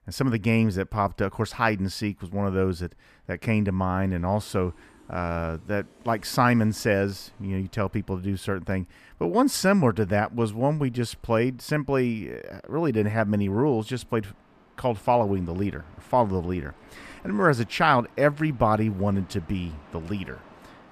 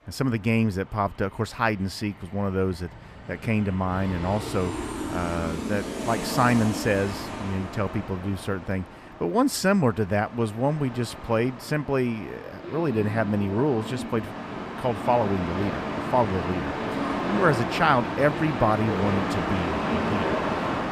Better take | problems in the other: first | train or aircraft noise; loud; throughout; 4 dB below the speech; faint in the first

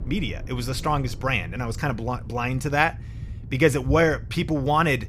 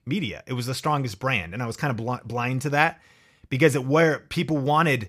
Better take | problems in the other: second | low rumble; faint; throughout; 25 dB below the speech

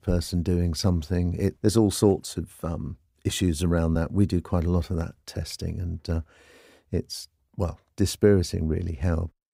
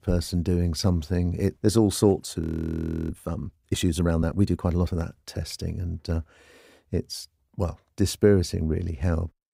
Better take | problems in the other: first | audio freezing; at 2.5 s for 0.5 s

